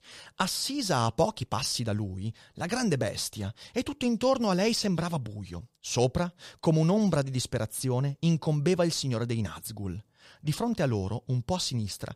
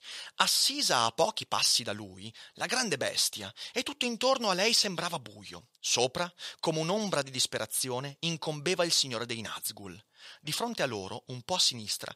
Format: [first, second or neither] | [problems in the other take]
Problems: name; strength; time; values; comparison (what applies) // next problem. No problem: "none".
first | thin; somewhat; fading below 1 kHz